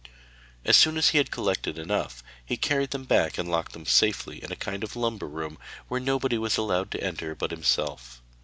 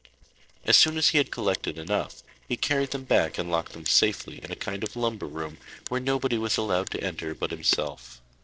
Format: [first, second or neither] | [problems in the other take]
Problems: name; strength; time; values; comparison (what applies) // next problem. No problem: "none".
first | noise reduction (neural separator model SepFormer DNS4)